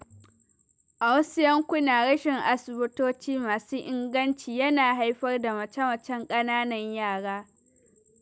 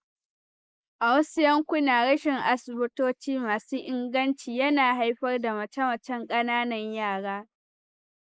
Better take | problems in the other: first | noise reduction (neural mask model Resemble Enhance denoiser)

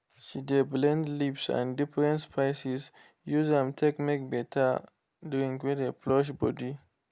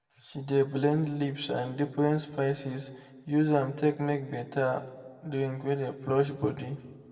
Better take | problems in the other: first | room echo; dies away in 1.4 s

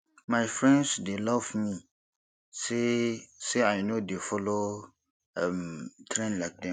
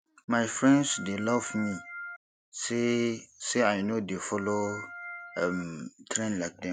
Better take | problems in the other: first | background sound (Organ); 12 dB below the speech

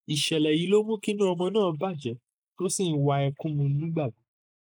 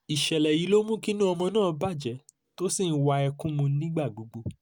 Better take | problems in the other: second | noise reduction (neural mask model Resemble Enhance denoiser)

